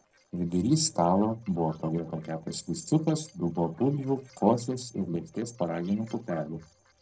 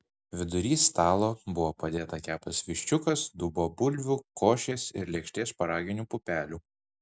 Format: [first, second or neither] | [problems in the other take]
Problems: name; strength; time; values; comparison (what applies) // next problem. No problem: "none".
second | noise reduction (neural separator model SepFormer DNS4)